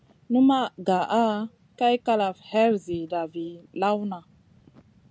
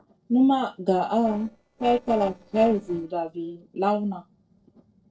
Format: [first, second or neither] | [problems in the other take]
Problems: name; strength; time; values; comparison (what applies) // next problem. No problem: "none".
first | noise reduction (neural separator model SepFormer DNS4)